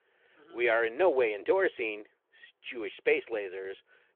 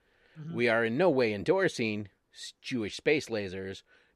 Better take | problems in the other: second | phone-call audio

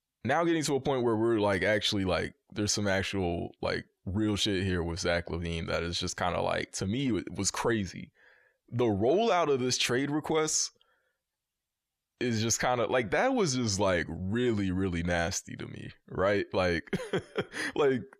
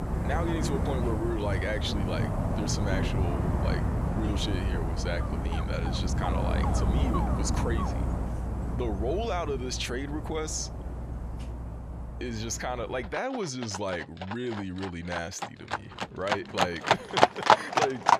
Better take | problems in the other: first | animal sounds; very loud; throughout; 4 dB above the speech

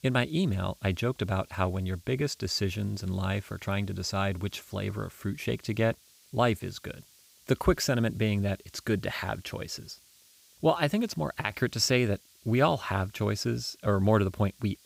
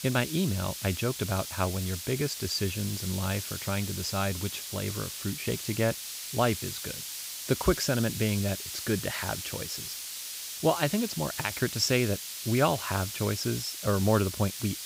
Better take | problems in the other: first | hiss; loud; throughout; 6 dB below the speech; faint in the first

